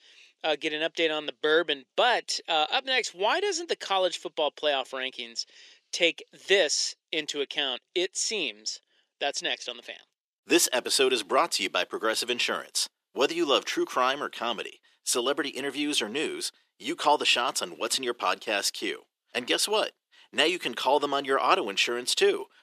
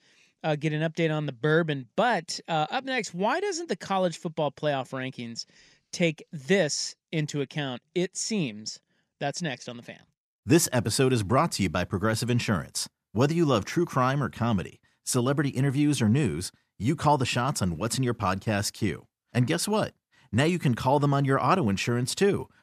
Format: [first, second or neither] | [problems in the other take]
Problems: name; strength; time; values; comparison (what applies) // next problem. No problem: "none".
second | thin; very; fading below 350 Hz